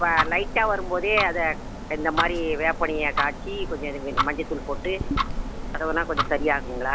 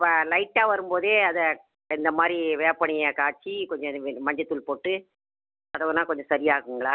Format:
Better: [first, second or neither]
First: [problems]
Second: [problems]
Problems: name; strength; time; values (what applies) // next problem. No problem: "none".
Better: second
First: background sound (Tick-tock); 3 dB below the speech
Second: none